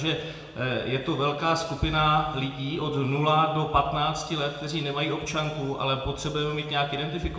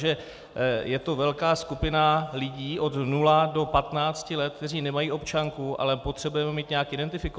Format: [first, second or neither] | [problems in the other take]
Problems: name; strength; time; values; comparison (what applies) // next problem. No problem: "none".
second | room echo; dies away in 1.5 s